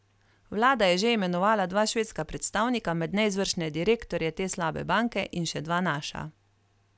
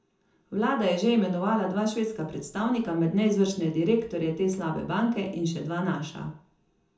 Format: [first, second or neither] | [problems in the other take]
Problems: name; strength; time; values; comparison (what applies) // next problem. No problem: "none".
first | room echo; dies away in 0.5 s